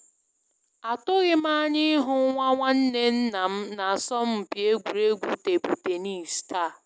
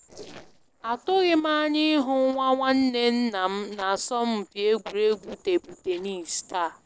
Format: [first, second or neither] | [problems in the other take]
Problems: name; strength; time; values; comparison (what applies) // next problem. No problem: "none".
first | noise reduction (neural separator model SepFormer DNS4)